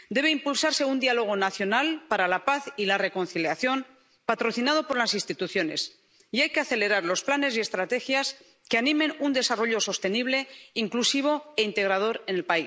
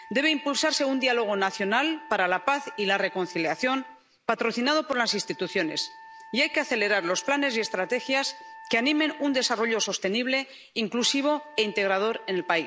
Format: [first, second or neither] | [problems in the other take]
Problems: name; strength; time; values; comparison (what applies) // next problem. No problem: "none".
first | background sound (Wind instrument, woodwind instrument); 20 dB below the speech